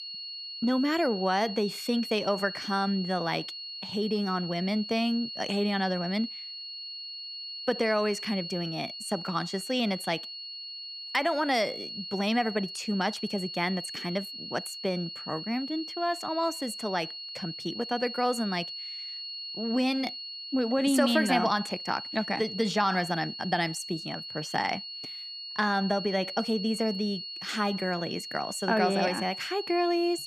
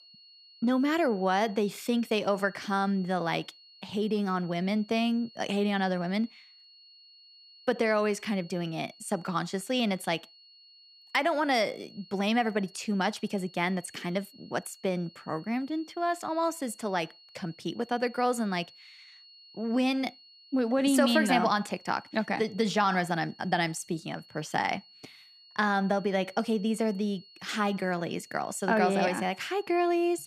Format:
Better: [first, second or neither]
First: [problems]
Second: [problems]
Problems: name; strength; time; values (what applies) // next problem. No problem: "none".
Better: second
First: high-pitched whine; loud; throughout; 4.5 kHz, 7 dB below the speech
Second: high-pitched whine; faint; throughout; 4.5 kHz, 25 dB below the speech